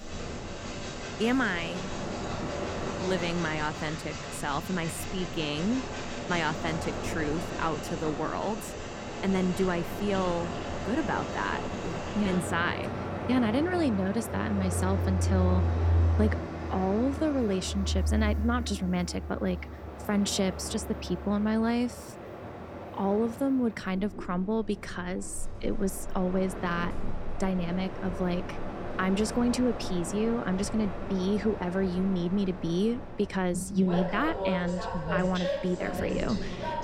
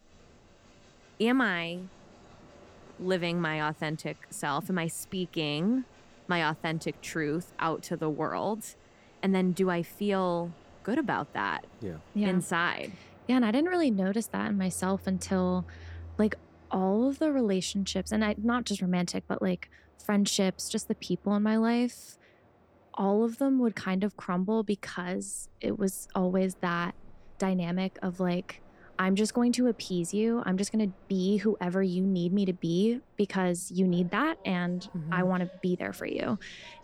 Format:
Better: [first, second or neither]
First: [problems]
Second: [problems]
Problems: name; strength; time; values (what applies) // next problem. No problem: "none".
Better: second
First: train or aircraft noise; loud; throughout; 5 dB below the speech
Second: train or aircraft noise; faint; throughout; 25 dB below the speech